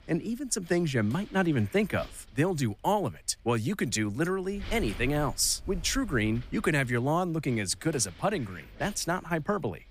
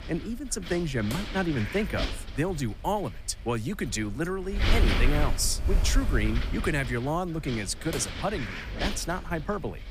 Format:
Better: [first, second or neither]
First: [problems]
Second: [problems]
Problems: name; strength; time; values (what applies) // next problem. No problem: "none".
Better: first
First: wind noise on the microphone; occasional gusts; 20 dB below the speech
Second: wind noise on the microphone; heavy; 4 dB below the speech